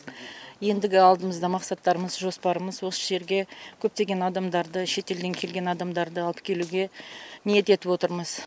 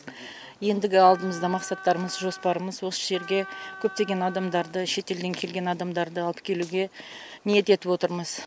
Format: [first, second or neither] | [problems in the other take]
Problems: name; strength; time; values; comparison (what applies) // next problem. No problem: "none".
first | background sound (Wind instrument, woodwind instrument); 15 dB below the speech